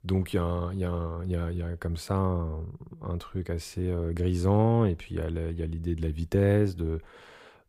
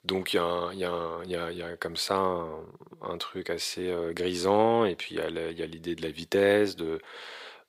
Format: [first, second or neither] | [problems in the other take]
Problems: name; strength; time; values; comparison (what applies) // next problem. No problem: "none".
first | thin; very; fading below 400 Hz